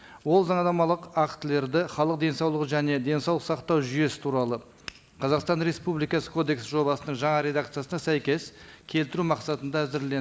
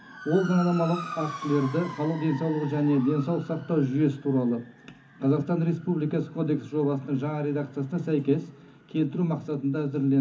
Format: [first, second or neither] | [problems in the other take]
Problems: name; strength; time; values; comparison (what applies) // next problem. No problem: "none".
first | background sound (Motor vehicle (road) / Siren); 17 dB below the speech // room echo; dies away in 0.3 s